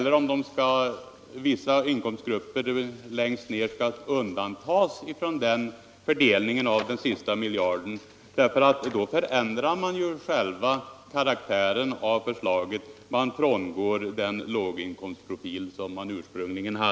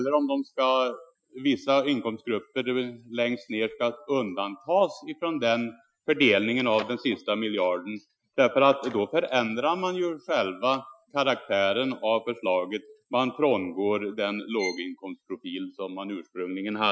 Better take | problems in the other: first | noise reduction (classical method Wiener filter)

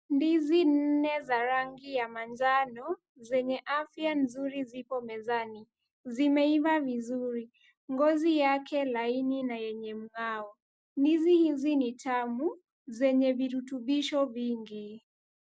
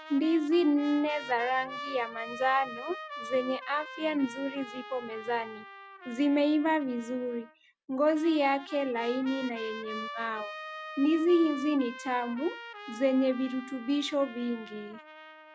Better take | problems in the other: first | background sound (Trumpet); 13 dB below the speech

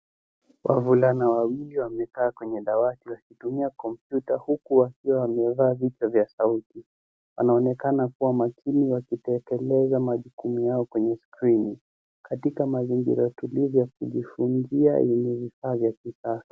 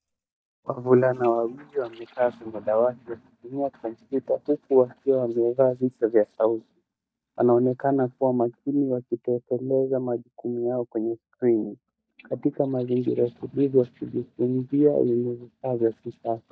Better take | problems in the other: first | noise reduction (neural mask model DeepFilterNet 3)

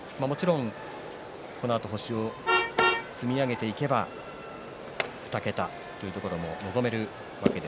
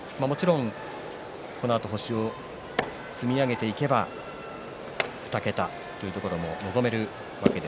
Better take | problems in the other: second | background sound (Vehicle horn, car horn, honking); 5 dB below the speech

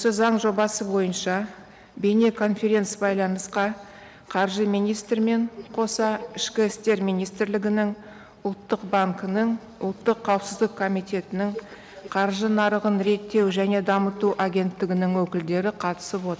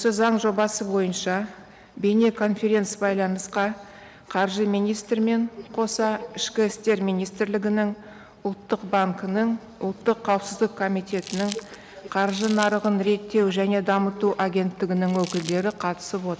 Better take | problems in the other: first | background sound (Crumpling, crinkling); 16 dB below the speech

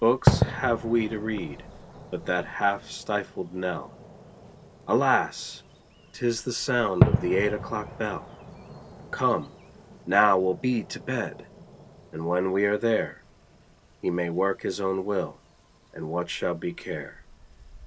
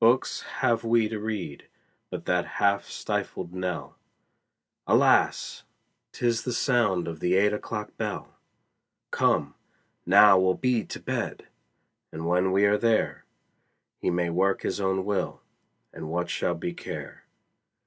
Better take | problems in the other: second | background sound (Fireworks); 5 dB below the speech

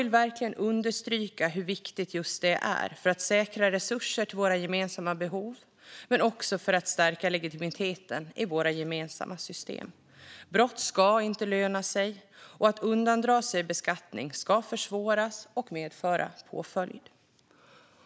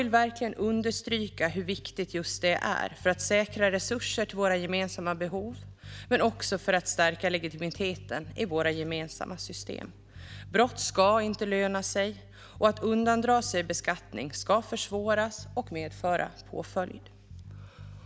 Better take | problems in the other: first | background sound (Bass guitar); 17 dB below the speech

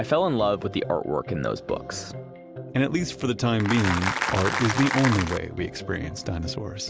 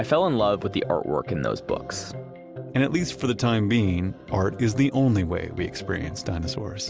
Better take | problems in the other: second | background sound (Applause); 2 dB below the speech

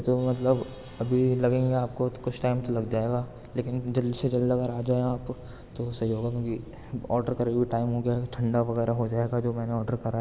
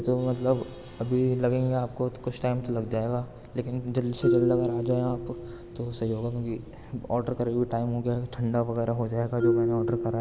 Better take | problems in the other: first | background sound (Marimba, xylophone); 5 dB below the speech

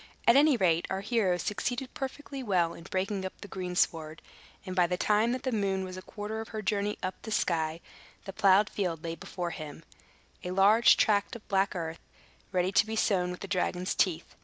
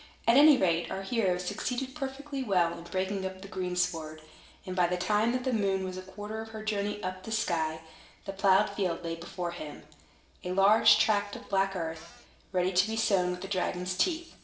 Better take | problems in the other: first | background sound (Cupboard open or close); 20 dB below the speech // room echo; dies away in 0.7 s

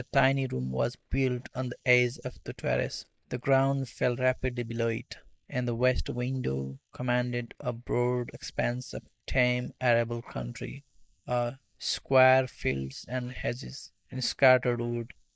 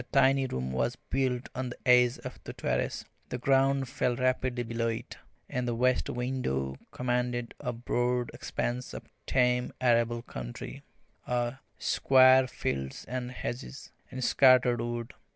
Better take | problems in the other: second | noise reduction (neural mask model Resemble Enhance denoiser)

